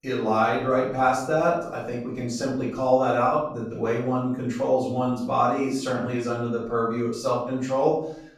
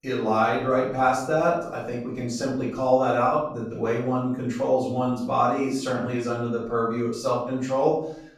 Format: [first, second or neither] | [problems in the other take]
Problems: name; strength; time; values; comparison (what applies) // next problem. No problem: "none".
neither | off-mic speech; far; the same in both // room echo; noticeable; dies away in 0.6 s; the same in both